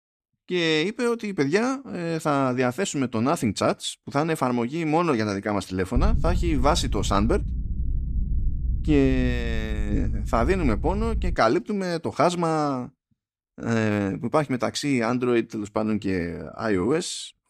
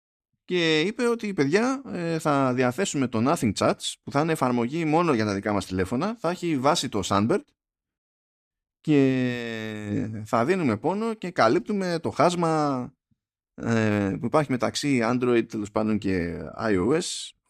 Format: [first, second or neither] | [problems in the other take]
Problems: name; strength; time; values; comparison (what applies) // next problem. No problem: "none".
second | low rumble; faint; from 6 to 11 s; 20 dB below the speech